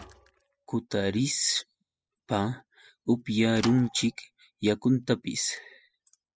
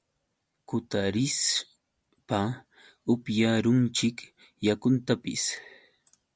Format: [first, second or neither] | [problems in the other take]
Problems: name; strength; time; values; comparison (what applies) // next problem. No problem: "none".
second | noise reduction (classical method spectral subtraction)